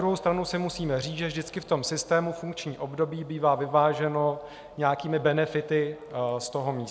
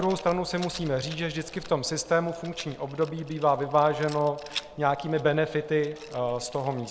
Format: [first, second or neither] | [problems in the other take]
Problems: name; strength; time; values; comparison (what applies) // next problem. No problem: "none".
first | background sound (Rattle); 18 dB below the speech